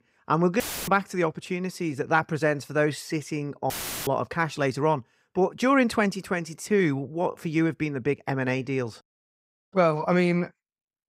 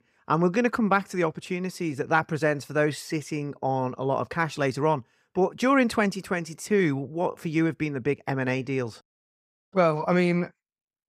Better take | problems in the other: second | audio cutting out; filled with static; at 0.5 s and at 3.5 s

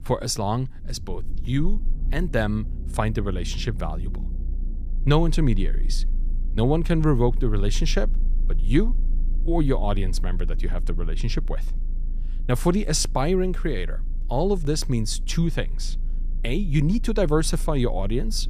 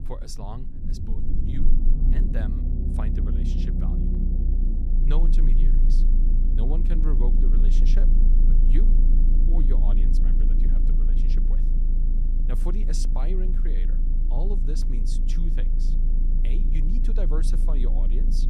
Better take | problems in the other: first | low rumble; loud; throughout; 1 dB below the speech; faint in the first

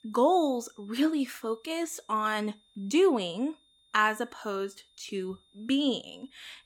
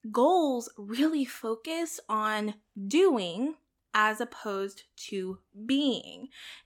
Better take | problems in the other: second | high-pitched whine; faint; throughout; 3.5 kHz, 35 dB below the speech

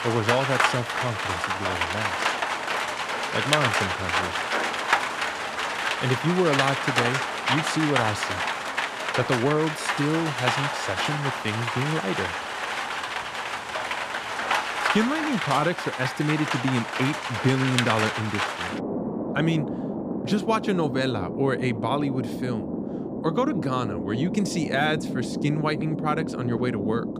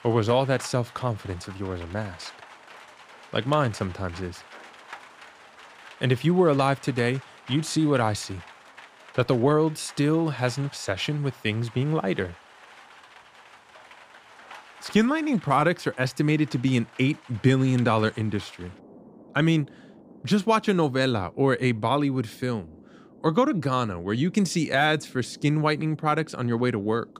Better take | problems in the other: second | rain or running water; loud; throughout; as loud as the speech; faint in the second

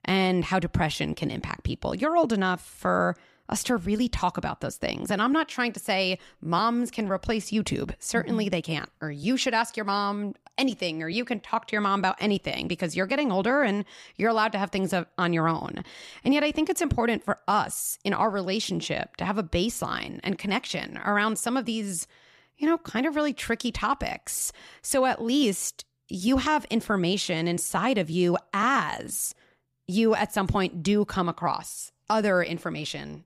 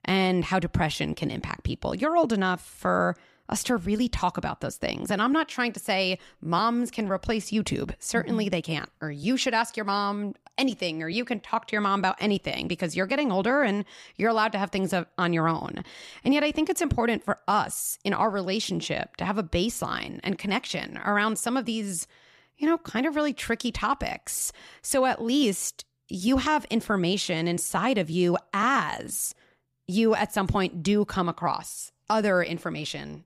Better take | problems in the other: neither | none

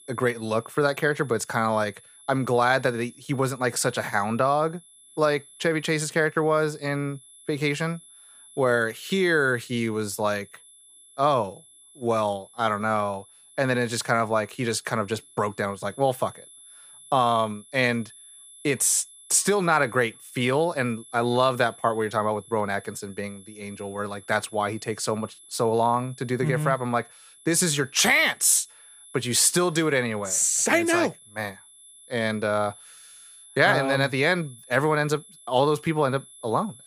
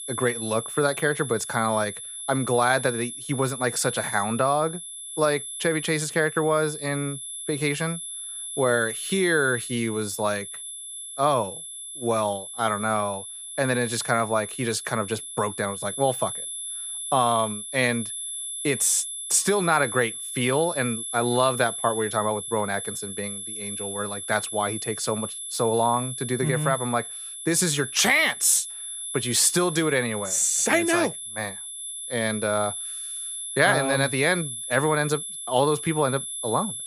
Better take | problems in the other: first | high-pitched whine; loud; throughout; 11 kHz, 7 dB below the speech; faint in the first

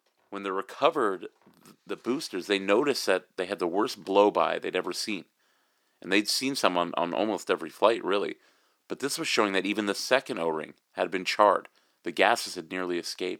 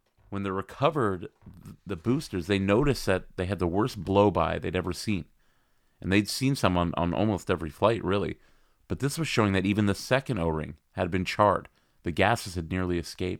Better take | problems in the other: second | thin; somewhat; fading below 300 Hz

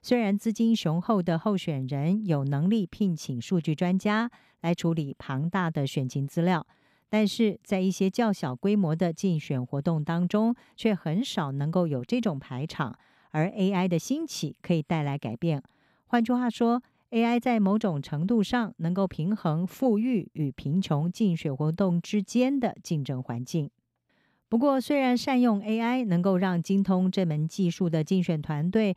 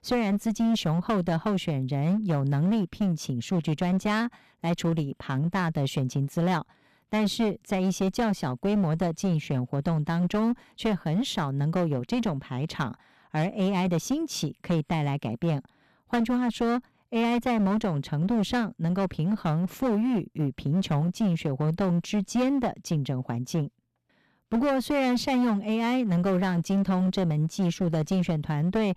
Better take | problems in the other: first | distortion; slight; 14% of the sound clipped

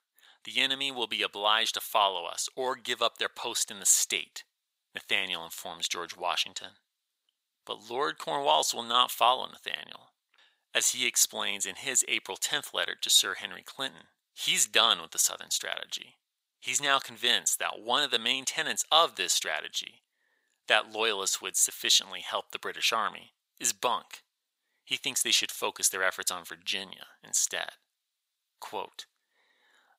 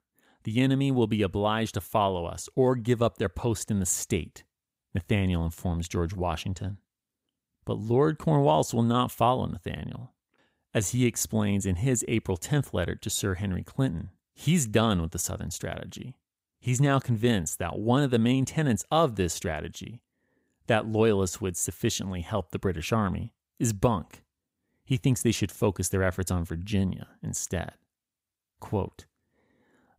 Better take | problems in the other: second | thin; very; fading below 950 Hz

